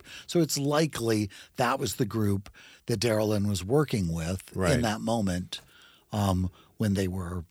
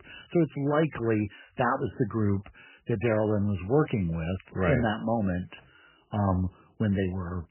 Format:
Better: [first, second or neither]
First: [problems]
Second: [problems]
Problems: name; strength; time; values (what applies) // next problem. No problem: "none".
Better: first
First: none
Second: garbled, watery; badly; nothing above 3 kHz